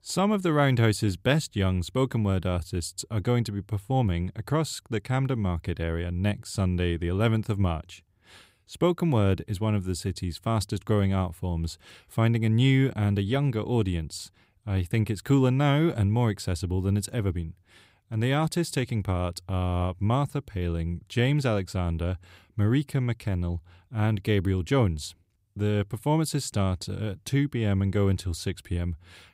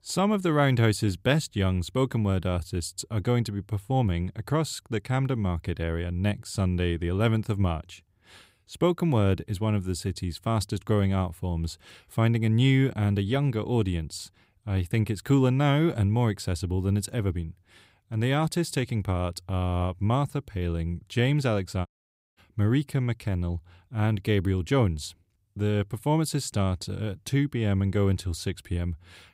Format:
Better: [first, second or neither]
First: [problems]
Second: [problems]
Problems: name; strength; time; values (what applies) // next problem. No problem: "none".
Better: first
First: none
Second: audio cutting out; at 22 s for 0.5 s